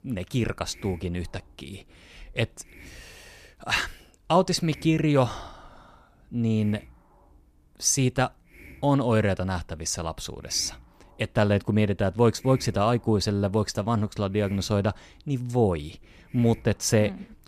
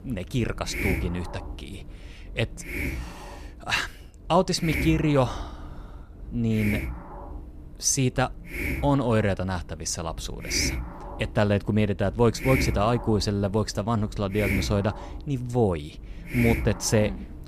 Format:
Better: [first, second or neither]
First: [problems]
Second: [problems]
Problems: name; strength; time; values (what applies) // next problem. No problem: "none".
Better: first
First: hiss; faint; throughout; 25 dB below the speech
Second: hiss; loud; throughout; 8 dB below the speech